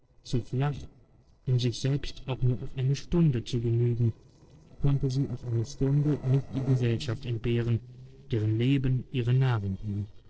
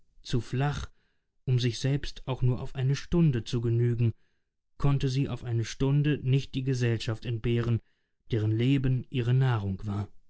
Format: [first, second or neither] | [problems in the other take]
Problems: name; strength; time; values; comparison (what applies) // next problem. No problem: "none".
second | noise reduction (neural separator model SepFormer DNS4)